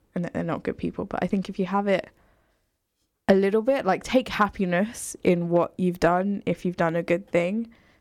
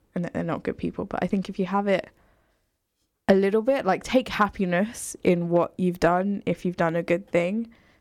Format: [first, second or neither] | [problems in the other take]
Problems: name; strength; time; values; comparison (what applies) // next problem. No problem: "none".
neither | none